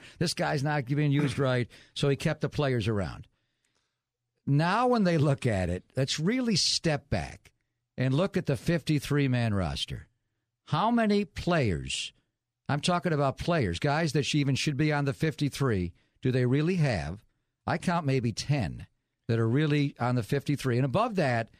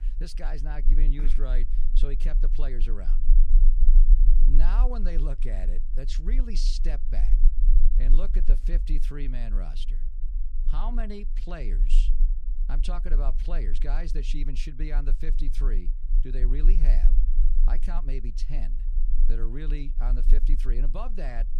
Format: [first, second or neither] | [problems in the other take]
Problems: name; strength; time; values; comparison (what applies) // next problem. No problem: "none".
first | low rumble; noticeable; throughout; 10 dB below the speech